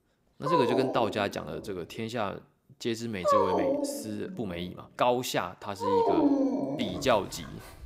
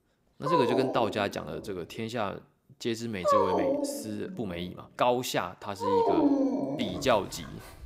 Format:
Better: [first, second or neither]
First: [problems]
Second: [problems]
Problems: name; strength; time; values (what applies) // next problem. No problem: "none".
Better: neither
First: animal sounds; very loud; throughout; 4 dB above the speech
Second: animal sounds; very loud; throughout; 4 dB above the speech